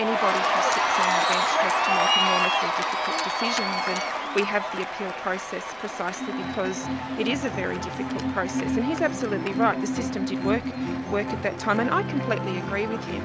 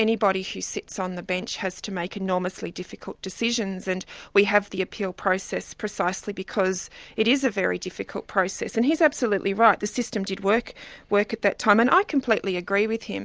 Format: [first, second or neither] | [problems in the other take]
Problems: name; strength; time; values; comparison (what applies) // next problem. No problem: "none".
second | background sound (Cheering); 3 dB above the speech